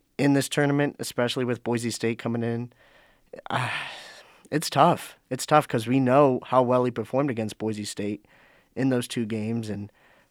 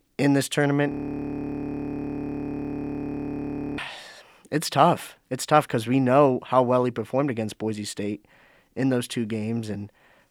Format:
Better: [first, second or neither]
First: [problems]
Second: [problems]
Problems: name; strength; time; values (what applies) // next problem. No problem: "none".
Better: first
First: none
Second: audio freezing; at 1 s for 3 s